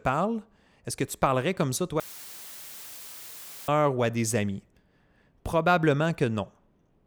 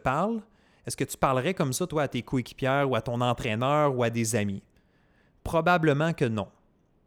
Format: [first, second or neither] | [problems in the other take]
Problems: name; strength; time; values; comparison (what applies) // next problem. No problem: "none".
second | audio cutting out; filled with static; at 2 s for 1.5 s